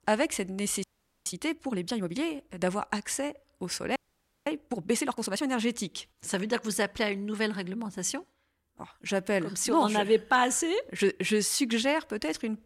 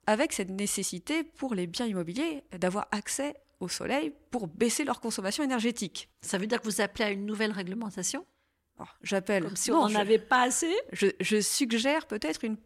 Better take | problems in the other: second | audio freezing; at 1 s and at 4 s for 0.5 s

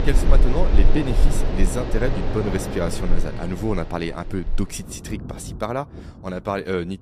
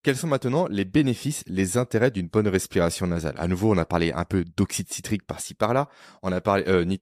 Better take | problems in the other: second | rain or running water; very loud; throughout; 2 dB above the speech

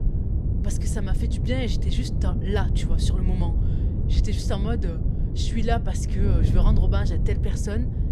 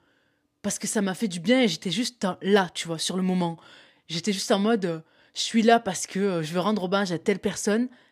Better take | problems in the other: second | wind noise on the microphone; heavy; 4 dB below the speech

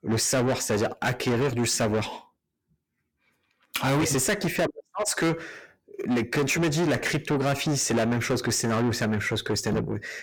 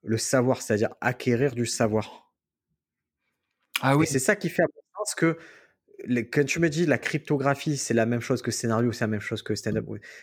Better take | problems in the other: second | distortion; heavy; 5 dB below the speech

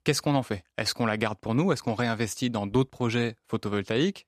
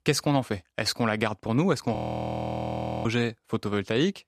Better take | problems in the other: first | audio freezing; at 2 s for 1 s

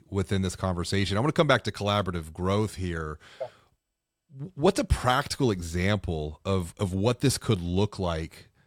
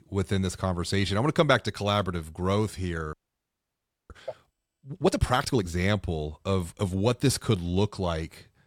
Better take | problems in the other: first | audio freezing; at 3 s for 1 s

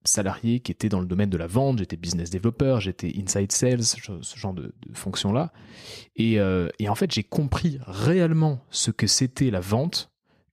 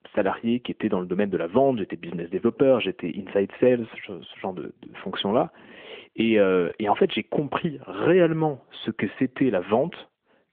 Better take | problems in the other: first | phone-call audio; nothing above 3.5 kHz

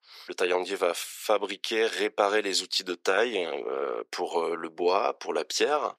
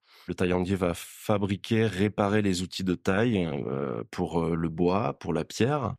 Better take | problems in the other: second | thin; very; fading below 400 Hz

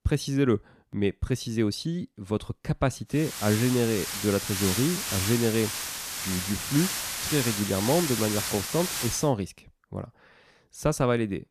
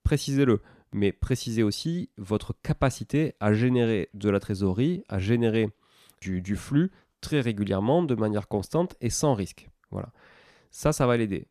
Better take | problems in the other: second | hiss; loud; from 3 to 9 s; 2 dB below the speech

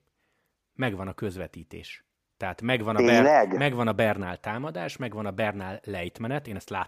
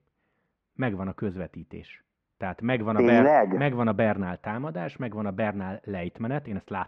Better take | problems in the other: first | muffled; very; fading above 2 kHz

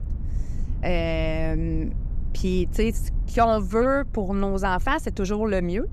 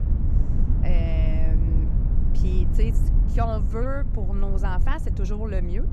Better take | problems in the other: first | low rumble; loud; throughout; 6 dB below the speech; faint in the first

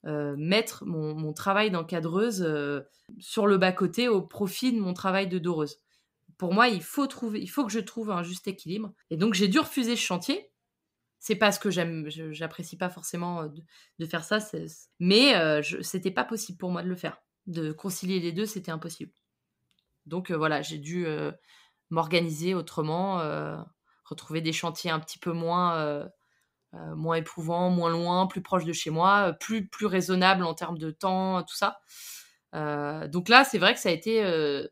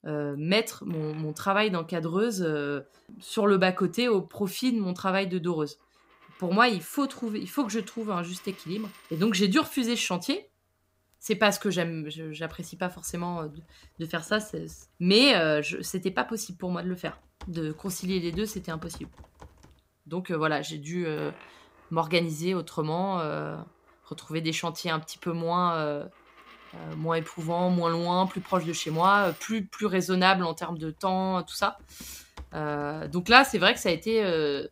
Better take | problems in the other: first | household noises; faint; throughout; 25 dB below the speech

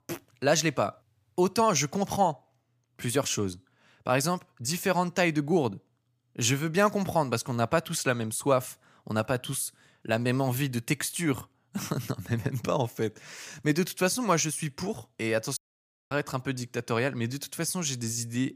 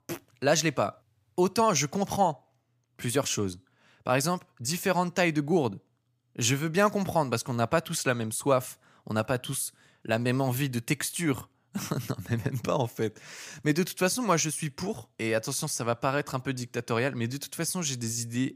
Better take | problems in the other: second | audio cutting out; at 16 s for 0.5 s

